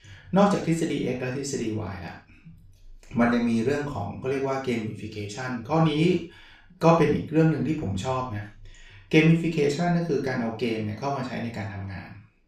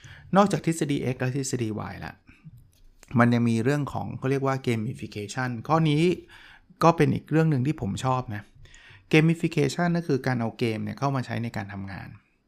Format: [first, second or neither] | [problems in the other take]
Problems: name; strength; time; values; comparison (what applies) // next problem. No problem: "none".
second | room echo; noticeable; dies away in 0.3 s // off-mic speech; far